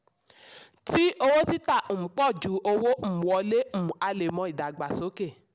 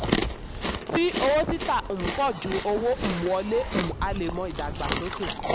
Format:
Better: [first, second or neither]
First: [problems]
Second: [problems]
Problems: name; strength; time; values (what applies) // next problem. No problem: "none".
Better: first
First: none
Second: background sound (Chewing, mastication); 3 dB below the speech